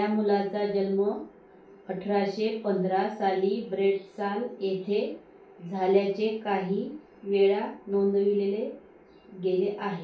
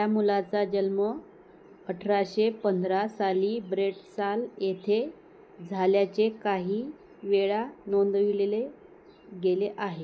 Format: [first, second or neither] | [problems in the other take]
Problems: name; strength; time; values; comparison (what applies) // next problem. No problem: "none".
second | room echo; dies away in 0.3 s